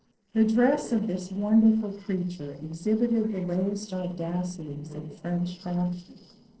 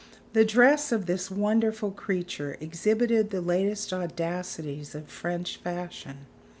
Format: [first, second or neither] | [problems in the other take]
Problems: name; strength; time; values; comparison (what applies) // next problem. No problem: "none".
second | noise reduction (neural separator model SepFormer DNS4)